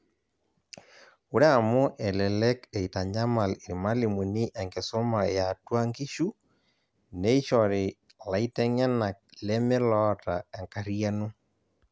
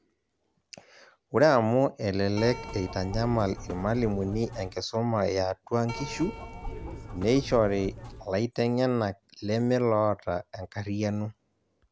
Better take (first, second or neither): first